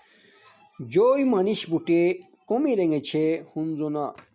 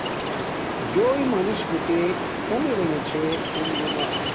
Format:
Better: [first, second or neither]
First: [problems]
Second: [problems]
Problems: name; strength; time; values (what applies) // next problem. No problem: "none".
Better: first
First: none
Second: background sound (Ocean); 1 dB below the speech